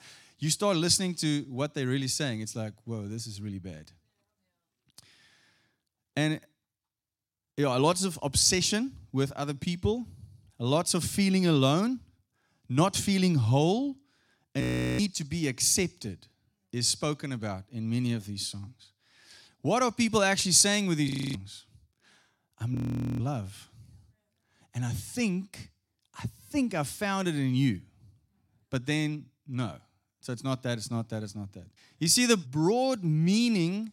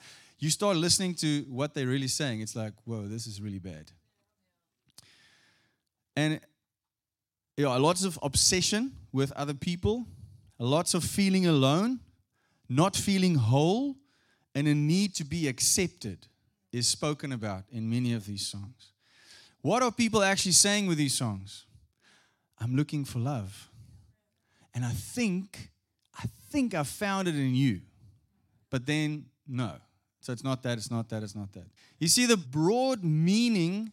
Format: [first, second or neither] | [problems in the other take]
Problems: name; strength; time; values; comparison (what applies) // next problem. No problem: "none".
second | audio freezing; at 15 s, at 21 s and at 23 s